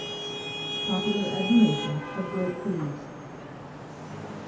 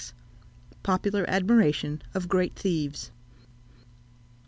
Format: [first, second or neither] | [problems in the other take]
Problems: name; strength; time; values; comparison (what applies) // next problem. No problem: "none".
second | background sound (Traffic noise, roadway noise / Vehicle horn, car horn, honking); 6 dB below the speech // room echo; dies away in 0.6 s